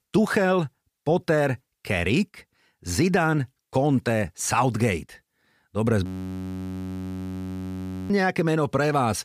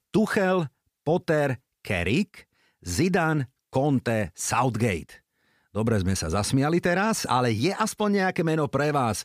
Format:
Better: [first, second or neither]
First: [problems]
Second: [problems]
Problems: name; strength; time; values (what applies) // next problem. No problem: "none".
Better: second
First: audio freezing; at 6 s for 2 s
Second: none